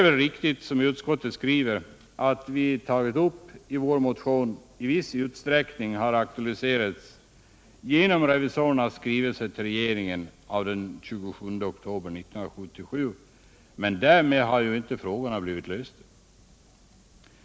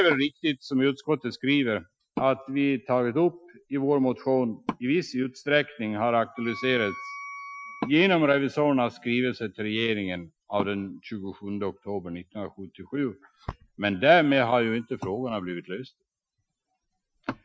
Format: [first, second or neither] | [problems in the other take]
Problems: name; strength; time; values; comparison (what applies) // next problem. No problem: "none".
first | noise reduction (classical method Wiener filter)